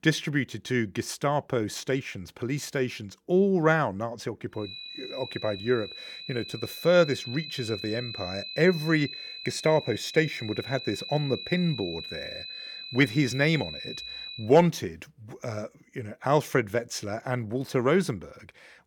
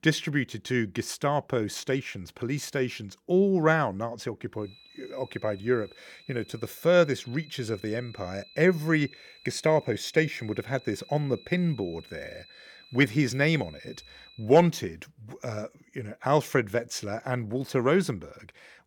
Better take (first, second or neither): second